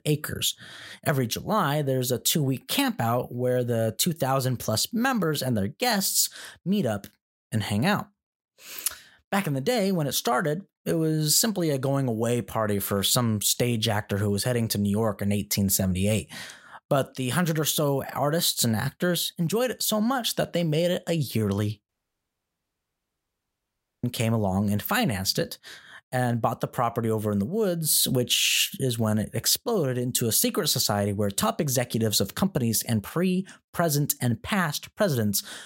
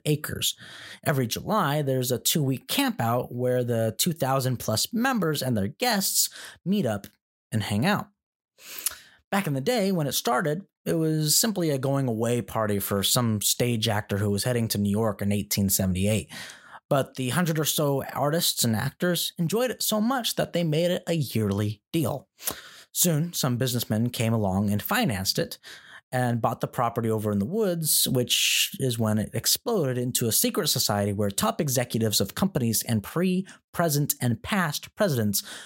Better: second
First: audio cutting out; at 22 s for 2 s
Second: none

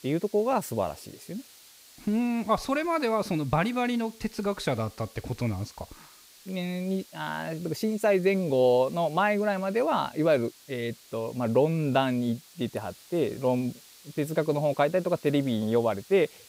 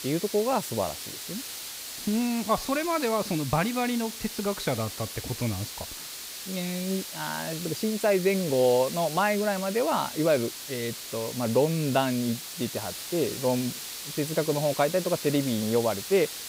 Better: first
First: hiss; faint; throughout; 25 dB below the speech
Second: hiss; loud; throughout; 8 dB below the speech

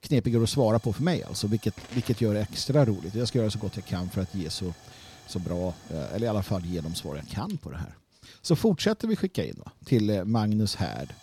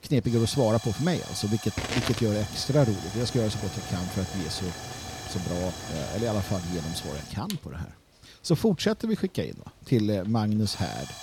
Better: first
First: hiss; faint; throughout; 20 dB below the speech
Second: hiss; loud; throughout; 8 dB below the speech

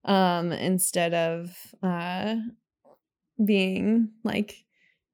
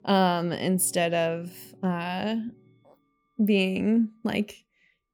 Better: first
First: none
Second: background music; faint; throughout; 25 dB below the speech

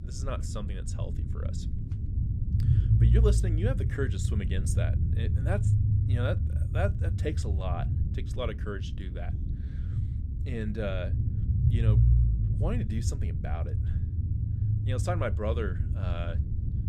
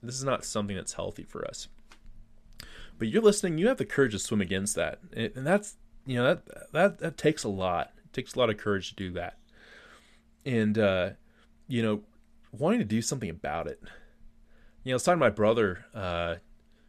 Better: second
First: low rumble; loud; throughout; 5 dB below the speech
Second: none

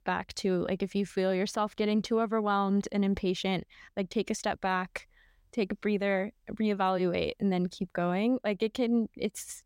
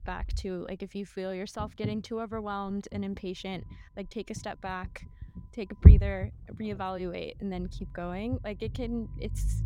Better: first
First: none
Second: low rumble; loud; throughout; 3 dB below the speech

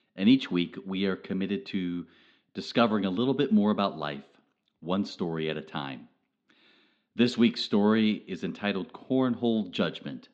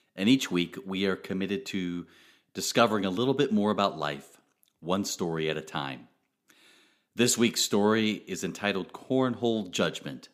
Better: second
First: muffled; very slightly; fading above 4 kHz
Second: none

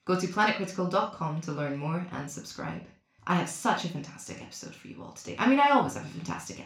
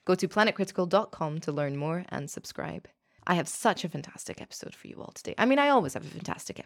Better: second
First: room echo; slight; dies away in 0.3 s // off-mic speech; somewhat distant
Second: none

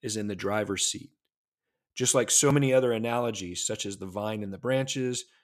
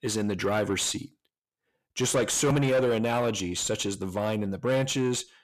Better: first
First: none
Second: distortion; heavy; 7 dB below the speech

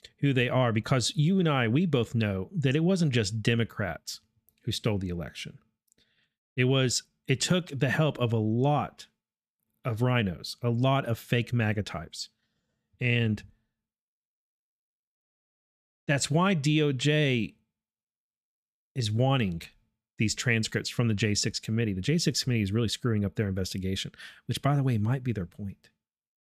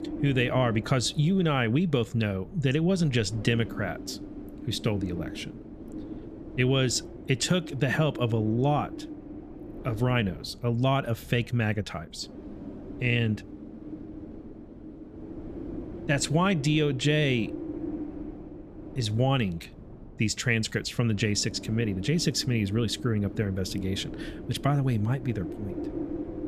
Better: first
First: none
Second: wind noise on the microphone; occasional gusts; 15 dB below the speech

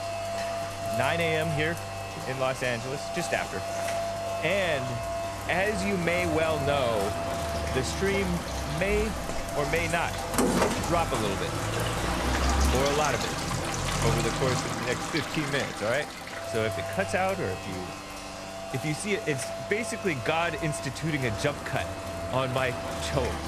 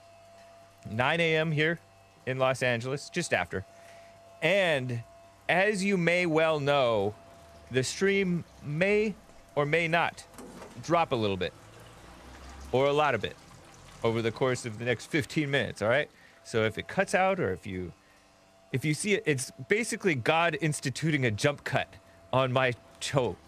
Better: second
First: rain or running water; loud; throughout; 1 dB below the speech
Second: rain or running water; faint; throughout; 25 dB below the speech

